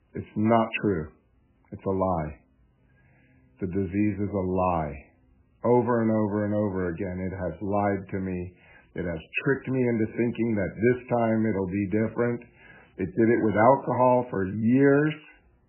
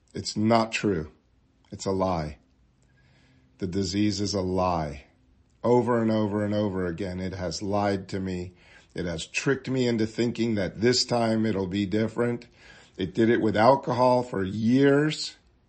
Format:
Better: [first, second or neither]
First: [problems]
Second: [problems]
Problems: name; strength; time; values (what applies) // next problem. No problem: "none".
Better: second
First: garbled, watery; badly; nothing above 2.5 kHz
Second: garbled, watery; slightly; nothing above 8 kHz